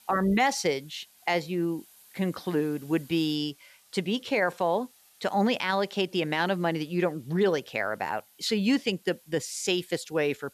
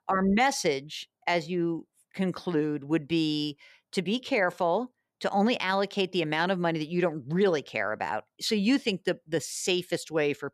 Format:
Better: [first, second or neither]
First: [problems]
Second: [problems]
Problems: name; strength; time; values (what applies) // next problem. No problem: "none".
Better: second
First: hiss; faint; throughout; 25 dB below the speech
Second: none